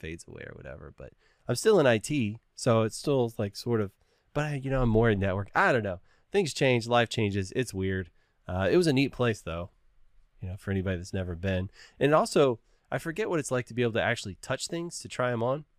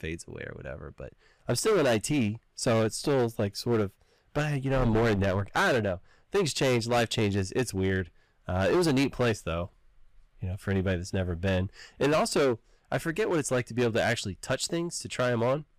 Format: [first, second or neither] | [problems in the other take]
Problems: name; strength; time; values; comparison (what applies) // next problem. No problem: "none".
first | distortion; heavy; 12% of the sound clipped